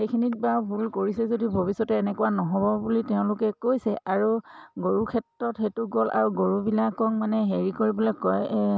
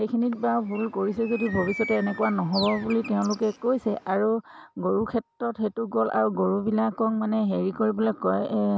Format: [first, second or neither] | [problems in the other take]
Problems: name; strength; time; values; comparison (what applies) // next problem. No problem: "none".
first | background sound (Bird); 14 dB below the speech